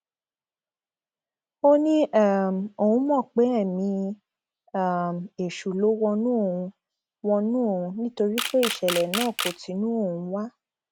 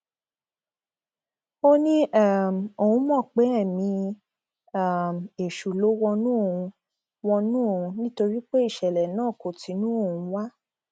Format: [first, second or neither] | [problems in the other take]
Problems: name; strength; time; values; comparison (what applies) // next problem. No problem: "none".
second | background sound (Camera); 7 dB below the speech